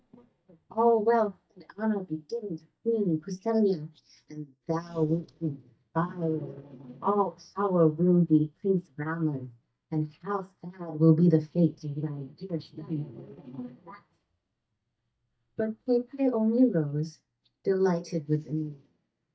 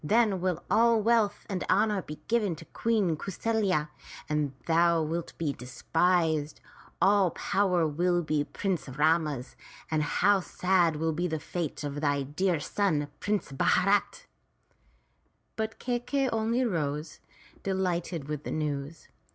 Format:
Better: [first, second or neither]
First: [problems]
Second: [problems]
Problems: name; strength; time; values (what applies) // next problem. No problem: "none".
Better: second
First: noise reduction (neural mask model DeepFilterNet 3)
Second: none